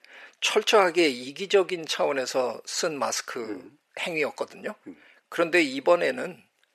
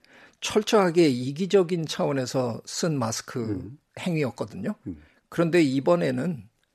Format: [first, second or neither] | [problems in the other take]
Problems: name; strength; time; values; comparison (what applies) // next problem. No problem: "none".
second | thin; somewhat; fading below 500 Hz